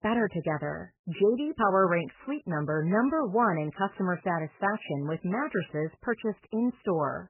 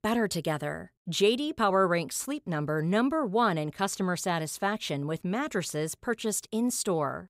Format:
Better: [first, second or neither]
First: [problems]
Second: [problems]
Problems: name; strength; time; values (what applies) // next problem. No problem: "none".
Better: second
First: garbled, watery; badly; nothing above 3 kHz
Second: none